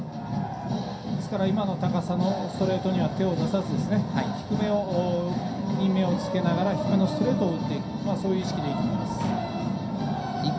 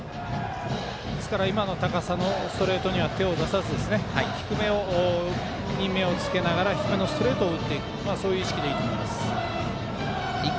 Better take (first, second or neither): second